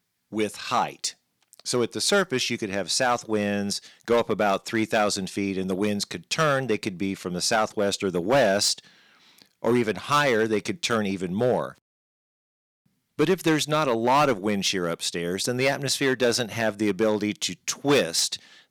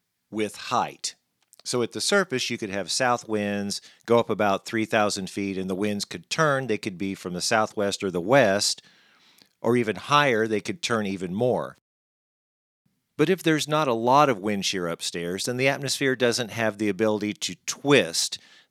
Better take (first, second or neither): second